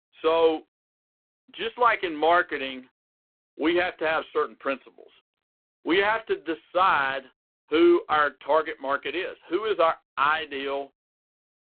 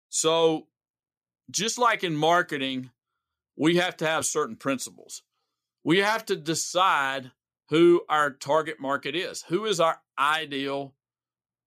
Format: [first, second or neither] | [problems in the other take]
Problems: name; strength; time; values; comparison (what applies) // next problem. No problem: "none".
second | phone-call audio; poor line